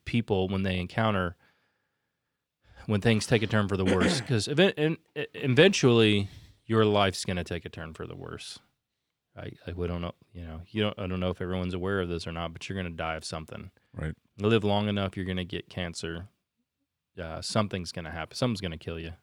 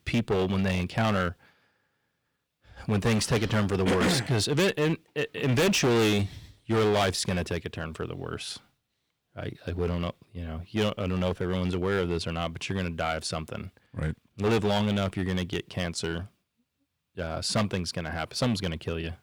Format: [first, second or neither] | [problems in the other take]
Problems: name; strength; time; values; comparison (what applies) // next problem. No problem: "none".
first | distortion; heavy; 8% of the sound clipped